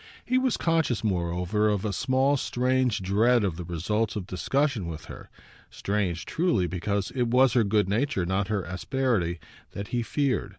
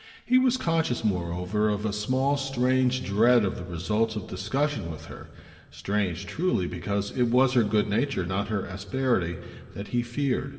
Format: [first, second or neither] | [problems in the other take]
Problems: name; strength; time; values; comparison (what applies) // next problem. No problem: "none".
first | room echo; dies away in 1.8 s